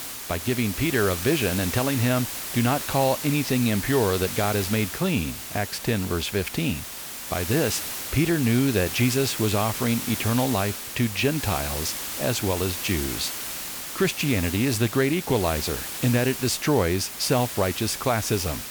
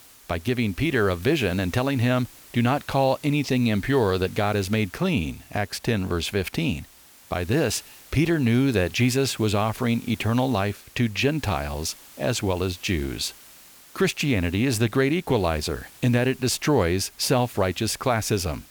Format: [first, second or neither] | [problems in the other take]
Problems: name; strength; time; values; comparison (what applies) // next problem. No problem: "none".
second | hiss; loud; throughout; 6 dB below the speech; faint in the second